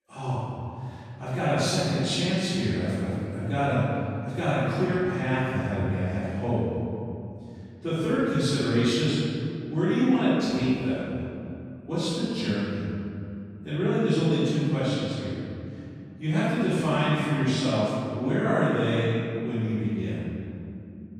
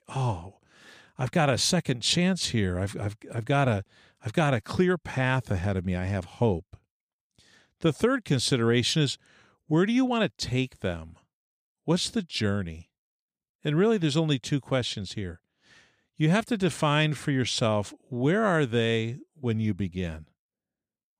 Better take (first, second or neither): second